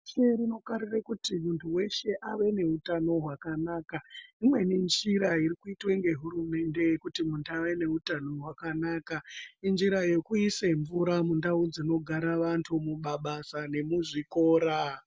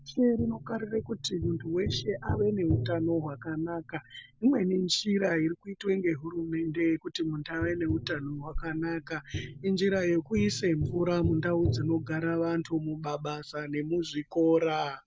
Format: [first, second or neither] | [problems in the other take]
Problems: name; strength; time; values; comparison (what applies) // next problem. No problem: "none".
first | background sound (Tap); 9 dB below the speech